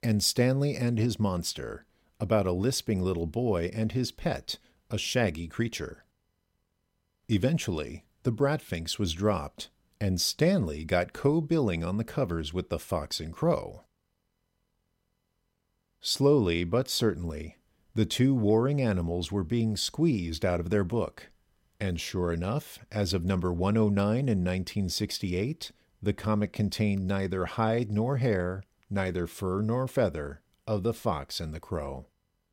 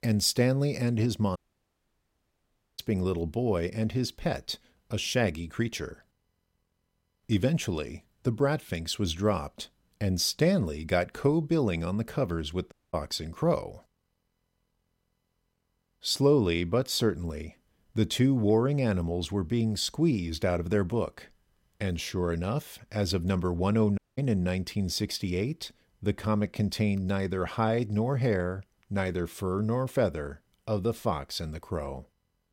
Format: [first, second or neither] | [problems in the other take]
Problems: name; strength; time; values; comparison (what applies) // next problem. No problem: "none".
first | audio cutting out; at 1.5 s for 1.5 s, at 13 s and at 24 s